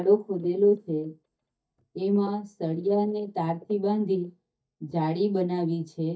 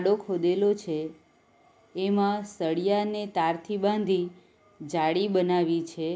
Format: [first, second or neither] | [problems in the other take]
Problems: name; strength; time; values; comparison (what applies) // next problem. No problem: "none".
second | noise reduction (neural mask model DeepFilterNet 3)